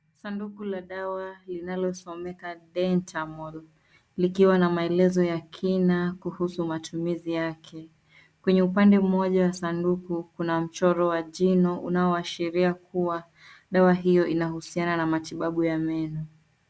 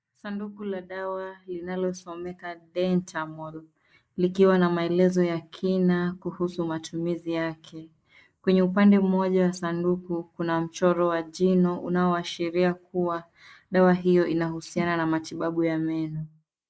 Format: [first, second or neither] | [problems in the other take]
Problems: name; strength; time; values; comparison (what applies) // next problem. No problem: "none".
first | noise reduction (neural mask model Resemble Enhance denoiser)